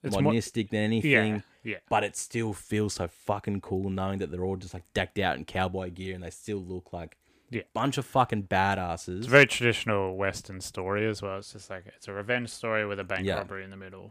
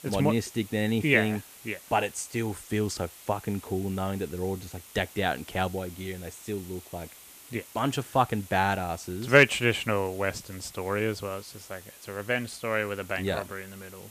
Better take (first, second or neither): first